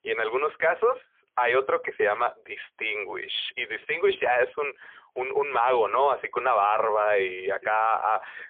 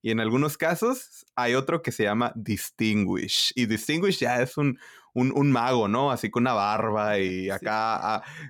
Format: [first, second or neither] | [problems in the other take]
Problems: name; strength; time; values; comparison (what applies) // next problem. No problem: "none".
second | phone-call audio; poor line; nothing above 3.5 kHz